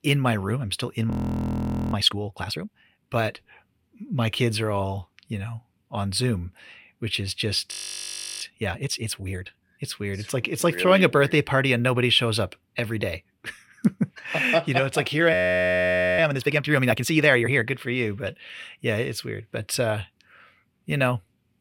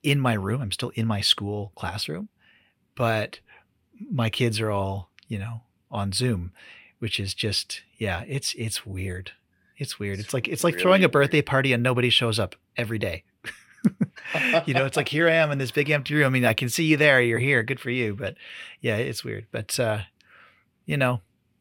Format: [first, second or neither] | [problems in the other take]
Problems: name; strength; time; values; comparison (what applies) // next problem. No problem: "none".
second | audio freezing; at 1 s for 1 s, at 7.5 s for 0.5 s and at 15 s for 1 s